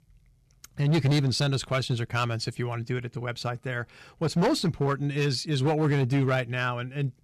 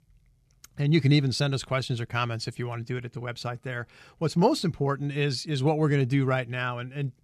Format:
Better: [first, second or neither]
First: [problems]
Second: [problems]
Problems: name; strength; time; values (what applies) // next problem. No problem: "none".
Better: second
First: distortion; slight; 7% of the sound clipped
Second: none